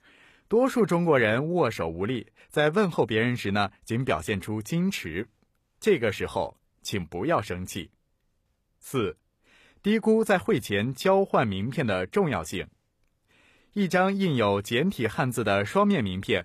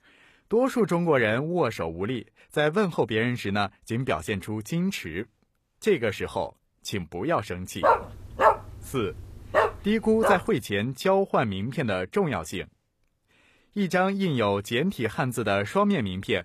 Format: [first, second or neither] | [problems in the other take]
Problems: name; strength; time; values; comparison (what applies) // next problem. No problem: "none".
first | dog barking; loud; from 8 to 10 s; peak 4 dB above the speech